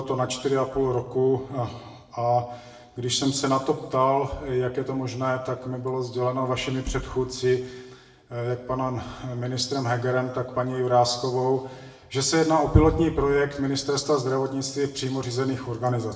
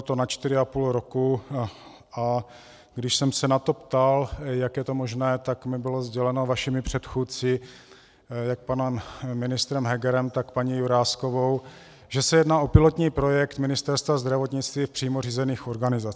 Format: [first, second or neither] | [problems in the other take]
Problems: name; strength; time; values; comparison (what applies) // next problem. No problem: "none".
second | room echo; dies away in 0.8 s